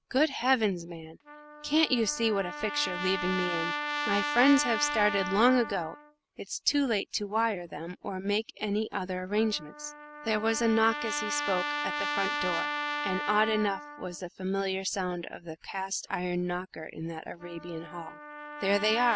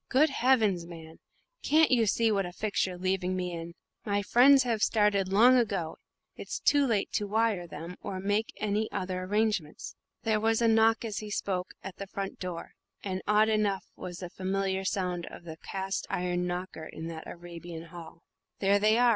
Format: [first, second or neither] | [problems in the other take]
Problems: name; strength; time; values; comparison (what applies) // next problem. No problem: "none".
second | background sound (Trumpet); 7 dB below the speech